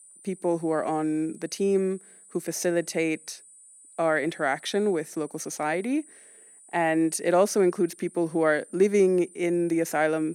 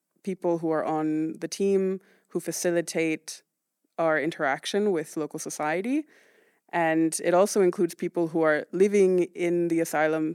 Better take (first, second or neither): second